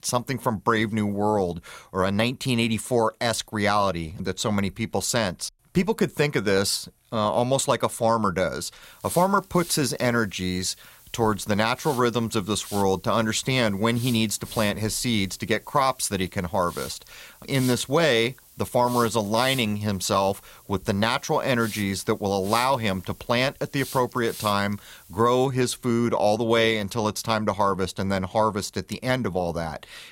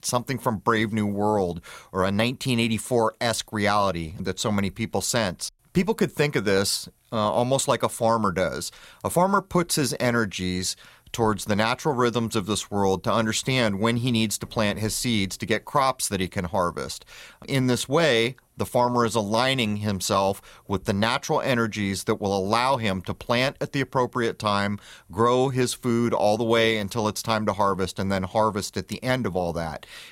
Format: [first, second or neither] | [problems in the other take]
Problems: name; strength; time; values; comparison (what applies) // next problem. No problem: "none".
second | hiss; noticeable; from 9 to 25 s; 20 dB below the speech